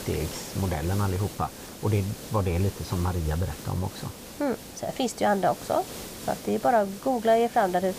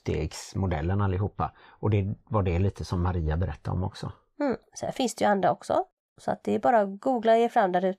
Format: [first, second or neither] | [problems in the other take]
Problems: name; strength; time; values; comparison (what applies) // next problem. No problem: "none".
second | hiss; noticeable; throughout; 10 dB below the speech